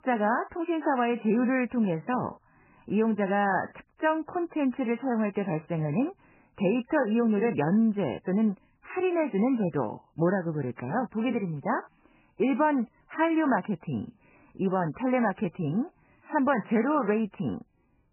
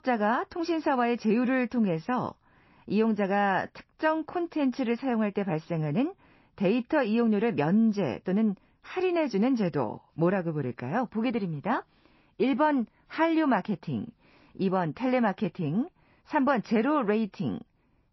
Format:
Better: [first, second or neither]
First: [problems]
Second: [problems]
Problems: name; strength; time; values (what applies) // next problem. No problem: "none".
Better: second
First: garbled, watery; badly; nothing above 3 kHz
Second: garbled, watery; slightly; nothing above 5.5 kHz